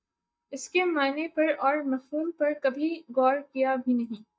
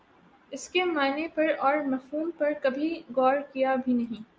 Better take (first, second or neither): second